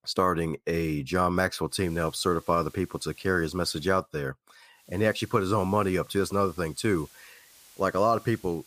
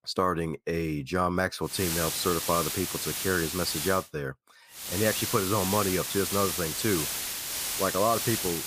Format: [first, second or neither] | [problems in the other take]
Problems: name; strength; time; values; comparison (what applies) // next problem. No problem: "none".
first | hiss; loud; from 1.5 to 4 s and from 5 s on; 1 dB below the speech; faint in the first